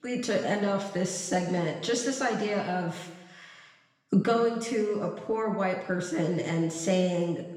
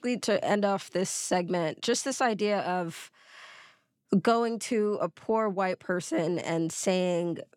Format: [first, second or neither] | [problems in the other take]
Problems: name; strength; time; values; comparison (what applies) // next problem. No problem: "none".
second | room echo; noticeable; dies away in 1 s // off-mic speech; far